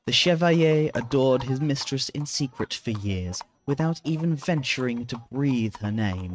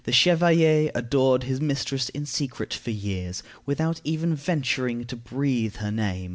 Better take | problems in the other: second | noise reduction (neural mask model RNNoise)

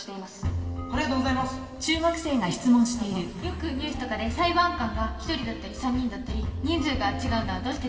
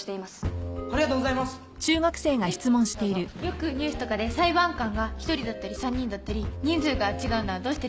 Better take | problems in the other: second | room echo; dies away in 2.2 s

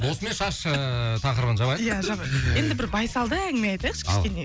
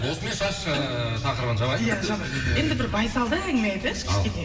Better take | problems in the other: first | background sound (Bowed string instrument); 17 dB below the speech // room echo; dies away in 2.1 s

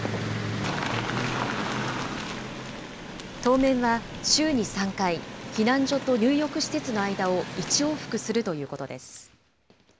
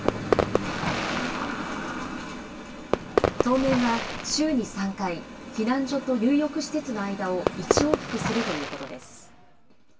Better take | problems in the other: first | background sound (Fireworks); 1 dB below the speech // room echo; dies away in 0.1 s

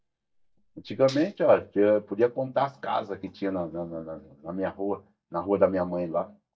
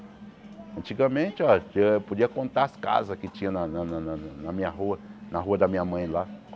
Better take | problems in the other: second | noise reduction (neural mask model DeepFilterNet 3)

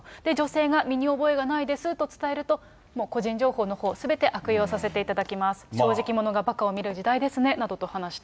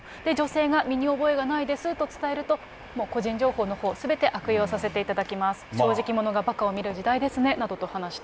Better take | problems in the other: first | background sound (Train + Wind); 18 dB below the speech

